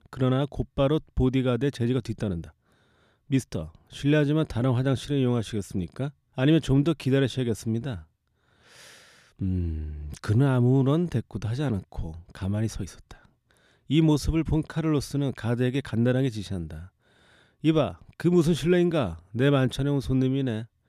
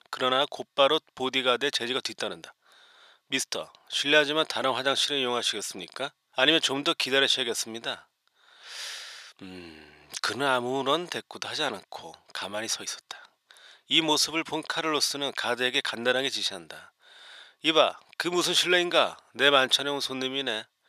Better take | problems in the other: first | thin; very; fading below 800 Hz

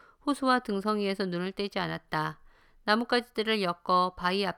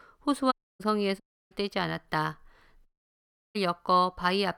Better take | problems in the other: first | audio cutting out; at 0.5 s, at 1 s and at 3 s for 0.5 s

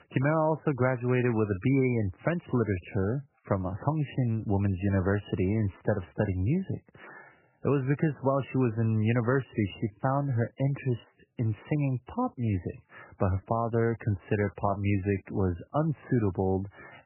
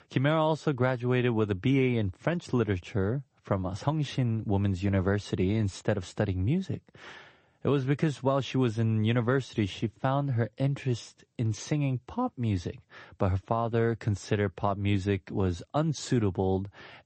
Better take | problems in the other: second | garbled, watery; badly; nothing above 3 kHz; slightly in the second

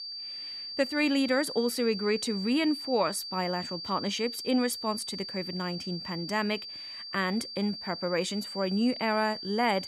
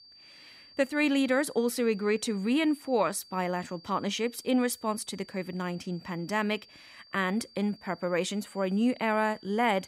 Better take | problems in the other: second | high-pitched whine; loud; throughout; 4.5 kHz, 7 dB below the speech; faint in the second

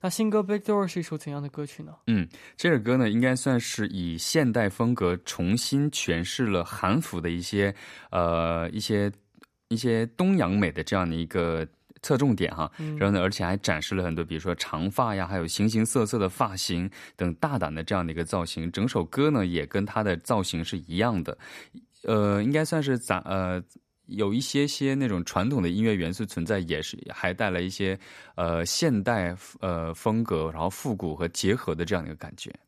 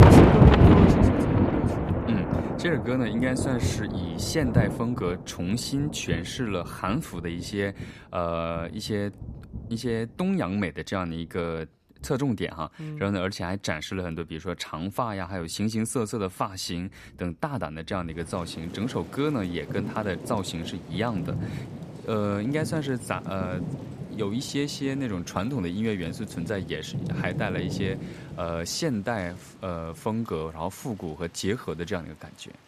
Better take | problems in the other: first | rain or running water; very loud; throughout; 5 dB above the speech

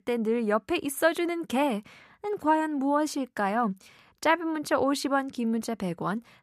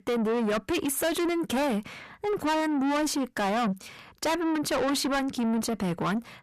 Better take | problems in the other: first | distortion; heavy; 6 dB below the speech

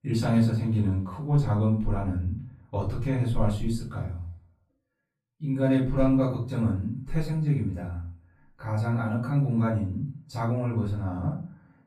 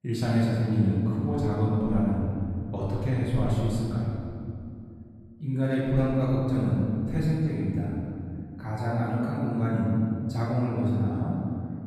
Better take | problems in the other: first | room echo; strong; dies away in 2.4 s; slight in the first // off-mic speech; far; far in the first

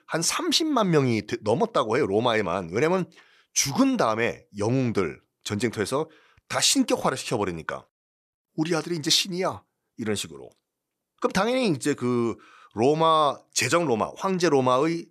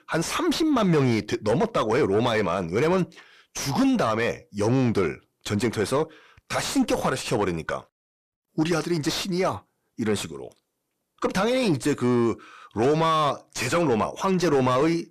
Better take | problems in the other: first | distortion; heavy; 7 dB below the speech

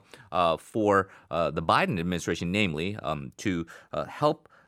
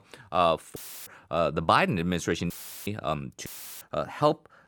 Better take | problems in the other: first | audio cutting out; filled with static; at 1 s, at 2.5 s and at 3.5 s

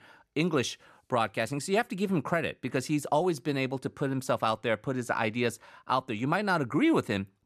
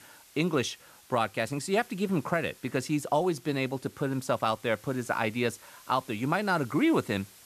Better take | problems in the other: first | hiss; faint; throughout; 25 dB below the speech

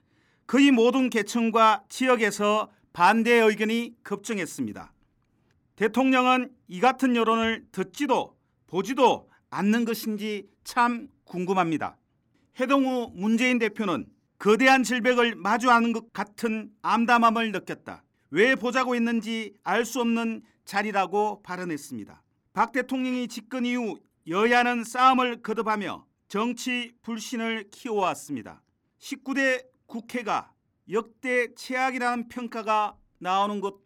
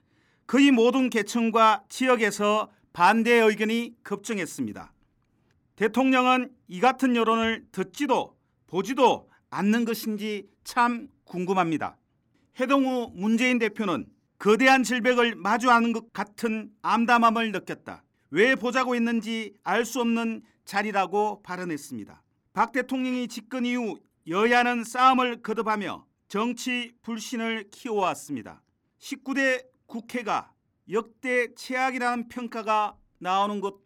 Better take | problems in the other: neither | none

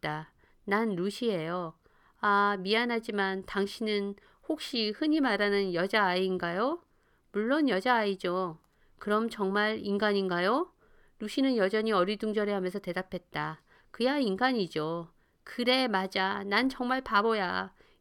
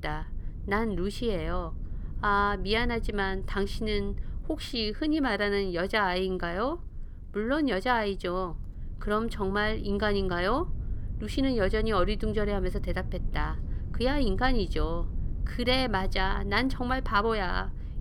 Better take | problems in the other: first | low rumble; faint; throughout; 25 dB below the speech

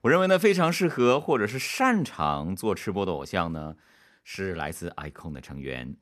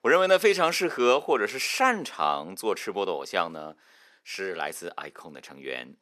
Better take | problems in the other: first | thin; somewhat; fading below 450 Hz

